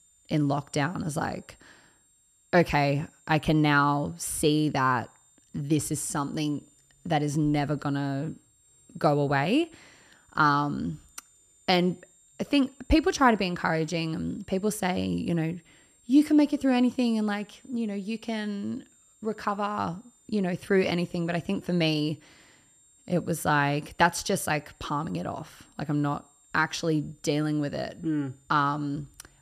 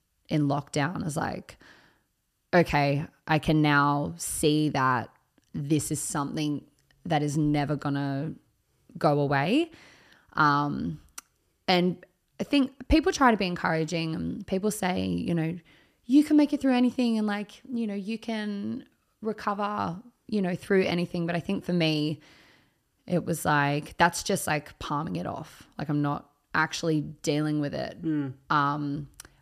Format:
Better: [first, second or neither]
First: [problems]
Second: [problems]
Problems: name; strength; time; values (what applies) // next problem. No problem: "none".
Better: second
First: high-pitched whine; faint; throughout; 7 kHz, 30 dB below the speech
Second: none